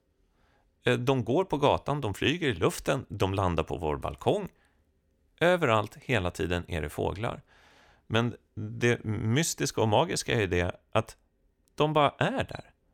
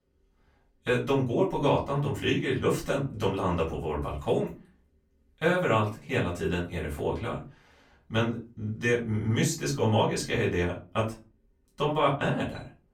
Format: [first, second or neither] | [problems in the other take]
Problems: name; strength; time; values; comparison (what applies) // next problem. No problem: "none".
first | off-mic speech; far // room echo; very slight; dies away in 0.3 s